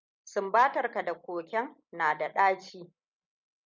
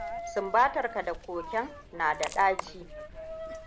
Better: first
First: none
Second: background sound (Coin (dropping)); 10 dB below the speech

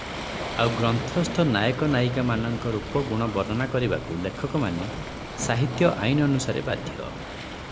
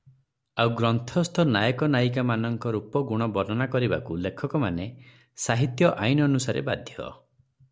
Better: second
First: background sound (Waves, surf); 8 dB below the speech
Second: none

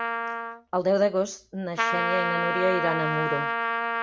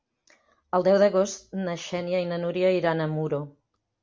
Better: second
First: background sound (Trumpet); as loud as the speech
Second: none

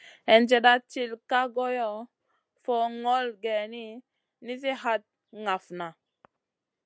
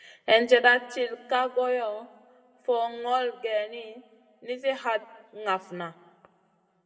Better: first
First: none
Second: room echo; dies away in 1.2 s

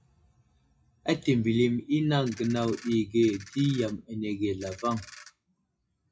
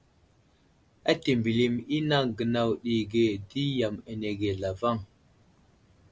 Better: second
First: noise reduction (classical method WPE with log-MMSE)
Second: none

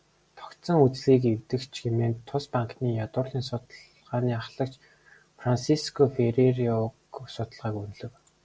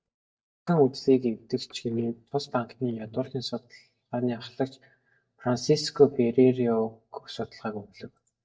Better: first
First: none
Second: noise reduction (neural mask model DeepFilterNet 3)

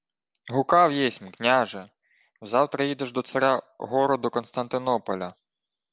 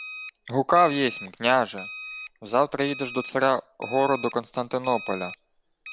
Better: first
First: none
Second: background sound (Alarm); 15 dB below the speech

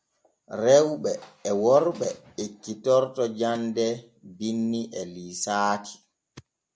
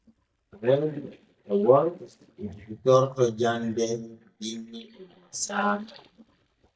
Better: first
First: none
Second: noise reduction (neural mask model DeepFilterNet 3)

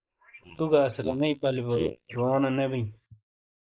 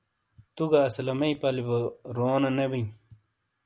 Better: second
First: noise reduction (neural mask model Resemble Enhance denoiser)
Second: none

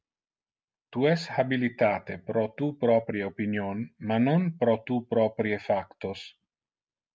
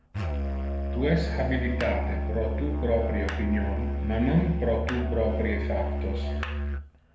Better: first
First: none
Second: background sound (Musical instrument); 1 dB above the speech // room echo; dies away in 1 s

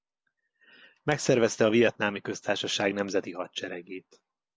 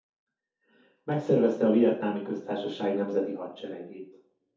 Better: first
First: none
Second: room echo; dies away in 0.5 s

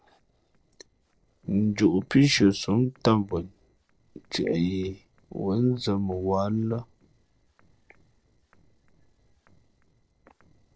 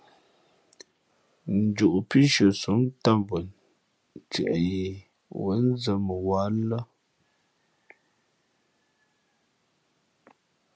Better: second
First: noise reduction (neural separator model SepFormer DNS4)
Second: none

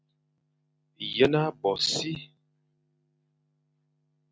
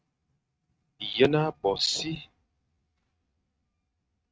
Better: first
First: none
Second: noise reduction (neural mask model RNNoise)

